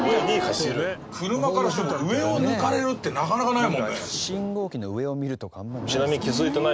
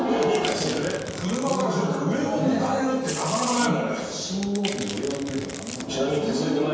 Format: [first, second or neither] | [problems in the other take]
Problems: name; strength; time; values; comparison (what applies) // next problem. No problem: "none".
first | background sound (Domestic sounds, home sounds); 12 dB below the speech // room echo; dies away in 1.2 s